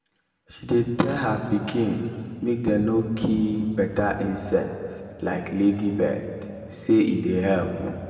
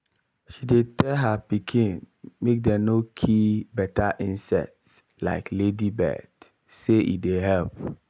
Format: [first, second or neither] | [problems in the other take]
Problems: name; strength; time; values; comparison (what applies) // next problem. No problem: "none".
second | room echo; dies away in 2.3 s